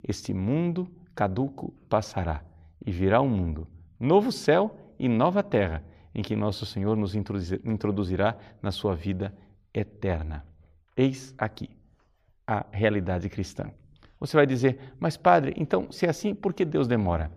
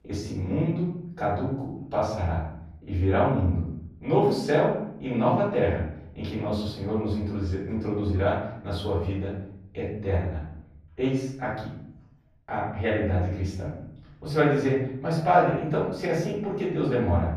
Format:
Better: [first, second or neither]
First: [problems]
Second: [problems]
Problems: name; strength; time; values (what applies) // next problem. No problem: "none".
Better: first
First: none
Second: room echo; noticeable; dies away in 0.7 s // off-mic speech; far